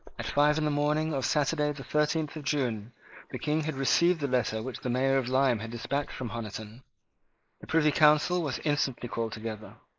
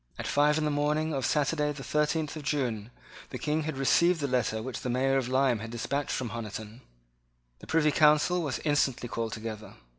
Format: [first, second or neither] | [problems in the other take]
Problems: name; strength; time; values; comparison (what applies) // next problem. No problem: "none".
second | noise reduction (neural mask model Resemble Enhance denoiser)